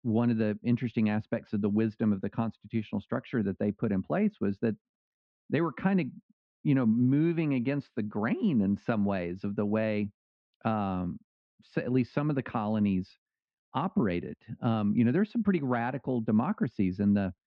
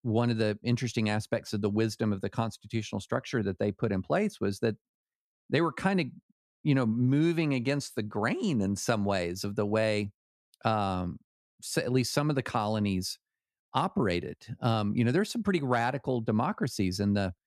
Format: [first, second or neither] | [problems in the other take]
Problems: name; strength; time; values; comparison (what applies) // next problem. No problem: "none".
second | muffled; very; fading above 3 kHz